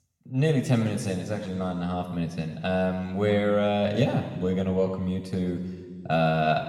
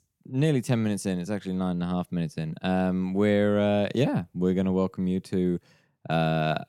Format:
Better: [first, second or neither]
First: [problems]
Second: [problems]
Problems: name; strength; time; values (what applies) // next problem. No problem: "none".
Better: second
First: room echo; noticeable; dies away in 1.7 s // off-mic speech; somewhat distant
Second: none